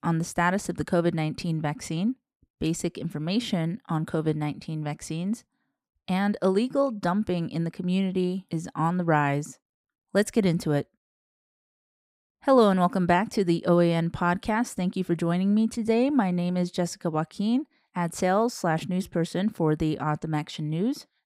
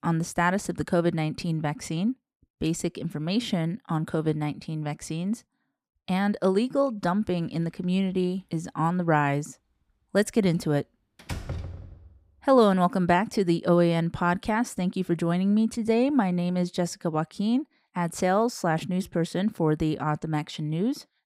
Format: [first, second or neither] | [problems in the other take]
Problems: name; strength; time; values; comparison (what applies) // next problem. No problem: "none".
first | door banging; noticeable; at 11 s; peak 9 dB below the speech